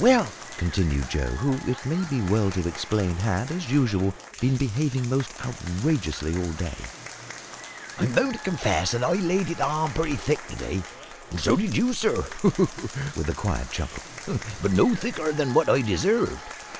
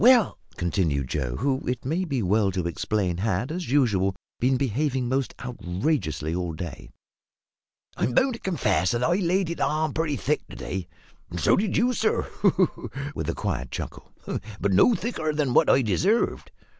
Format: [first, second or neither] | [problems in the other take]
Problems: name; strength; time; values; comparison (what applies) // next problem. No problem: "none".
second | background sound (Applause / Crowd); 15 dB below the speech